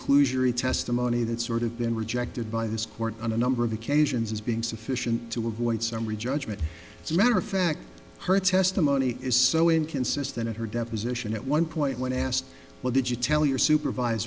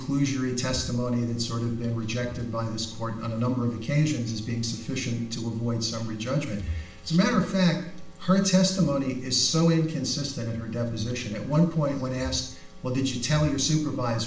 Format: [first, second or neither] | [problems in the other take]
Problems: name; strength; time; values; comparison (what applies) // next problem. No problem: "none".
first | room echo; dies away in 0.6 s